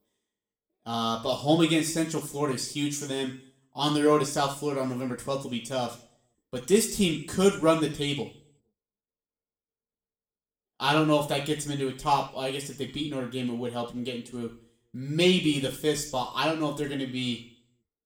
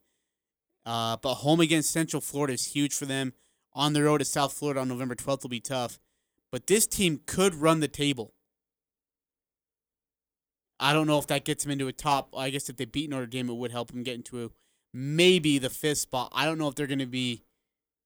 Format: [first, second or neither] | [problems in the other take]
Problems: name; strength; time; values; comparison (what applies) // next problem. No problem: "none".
second | room echo; slight; dies away in 0.5 s // off-mic speech; somewhat distant